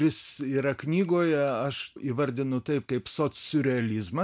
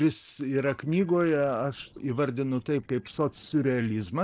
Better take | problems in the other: first | noise reduction (neural separator model SepFormer DNS4)

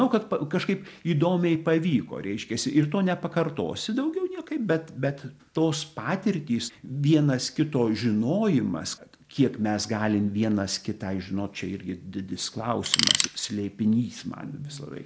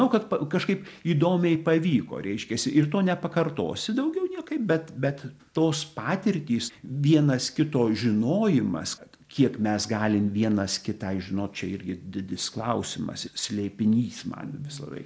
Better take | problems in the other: second | background sound (Tools); 1 dB above the speech

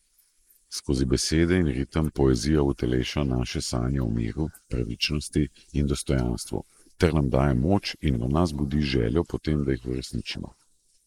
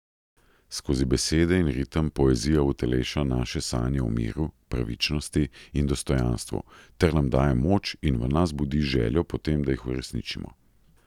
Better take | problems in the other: second | noise reduction (neural mask model Resemble Enhance denoiser)

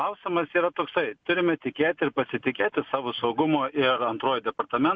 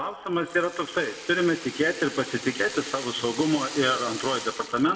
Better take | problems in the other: first | background sound (Rattle (instrument)); 13 dB below the speech // room echo; dies away in 1.5 s

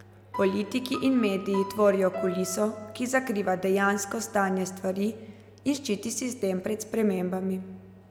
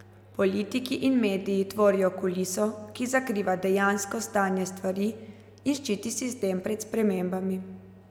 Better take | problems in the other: second | background sound (Piano); 13 dB below the speech

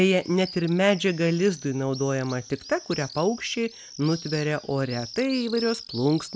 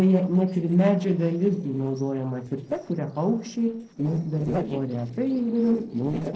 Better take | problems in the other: first | noise reduction (neural separator model SepFormer DNS4)

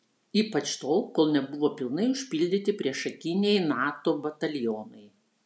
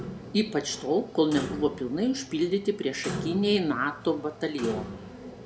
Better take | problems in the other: first | background sound (Clock); 11 dB below the speech

